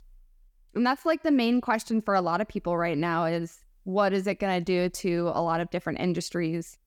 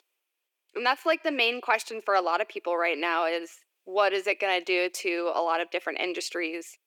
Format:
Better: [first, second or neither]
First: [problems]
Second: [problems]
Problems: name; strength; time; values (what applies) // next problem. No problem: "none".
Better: first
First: none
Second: thin; very; fading below 350 Hz